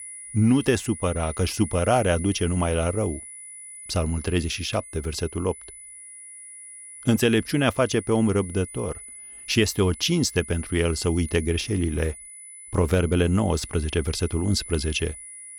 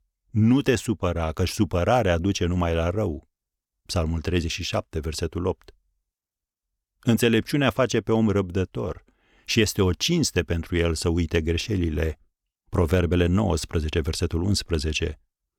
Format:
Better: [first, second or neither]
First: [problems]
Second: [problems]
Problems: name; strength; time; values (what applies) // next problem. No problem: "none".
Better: second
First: high-pitched whine; noticeable; throughout; 10 kHz, 15 dB below the speech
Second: none